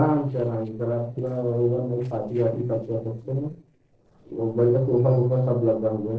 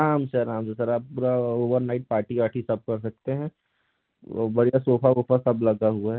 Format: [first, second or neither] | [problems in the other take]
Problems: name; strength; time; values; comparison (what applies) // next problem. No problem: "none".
second | noise reduction (neural separator model SepFormer DNS4)